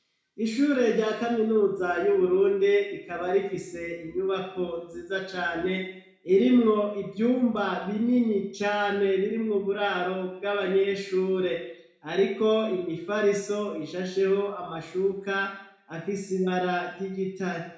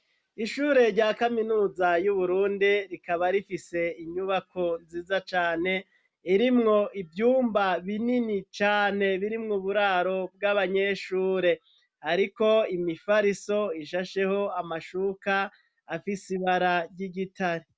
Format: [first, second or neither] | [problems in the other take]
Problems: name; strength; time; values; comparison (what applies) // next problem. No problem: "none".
second | room echo; dies away in 0.6 s